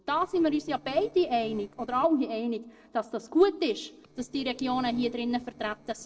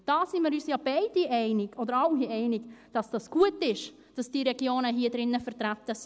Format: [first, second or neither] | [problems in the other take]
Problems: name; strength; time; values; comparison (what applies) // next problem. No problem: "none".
second | noise reduction (neural separator model SepFormer DNS4)